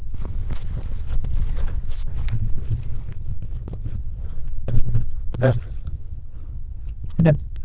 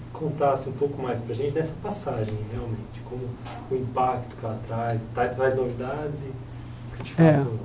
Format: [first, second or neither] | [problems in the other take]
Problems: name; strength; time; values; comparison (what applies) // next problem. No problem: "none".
second | noise reduction (neural diffusion model UNIVERSE++)